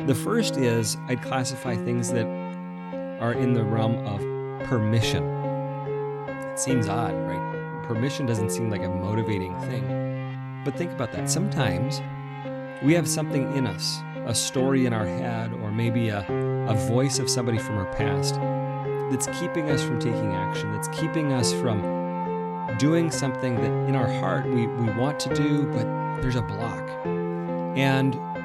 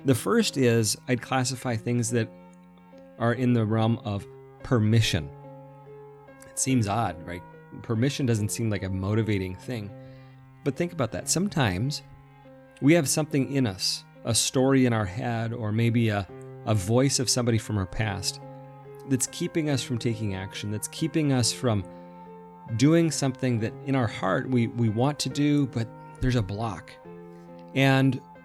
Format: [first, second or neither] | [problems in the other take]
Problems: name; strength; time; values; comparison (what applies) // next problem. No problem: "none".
second | background music; loud; throughout; 2 dB below the speech; faint in the second